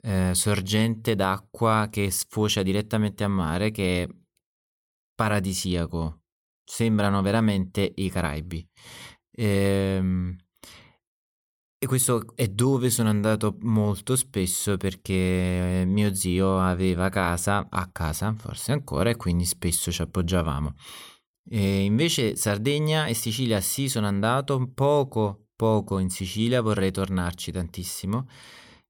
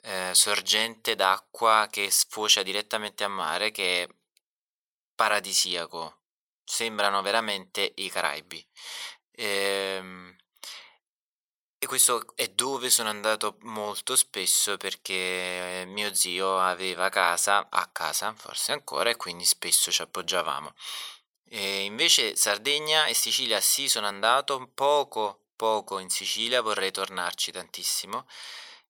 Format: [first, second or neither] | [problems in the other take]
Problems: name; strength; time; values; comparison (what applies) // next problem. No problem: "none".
first | thin; very; fading below 750 Hz